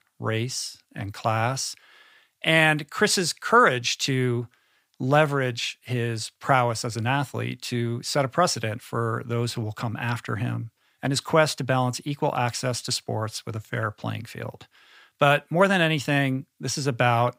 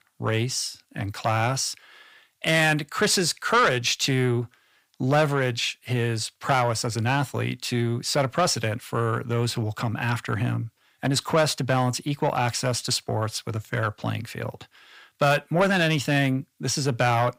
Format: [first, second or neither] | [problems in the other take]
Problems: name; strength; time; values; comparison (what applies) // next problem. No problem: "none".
first | distortion; slight; 10 dB below the speech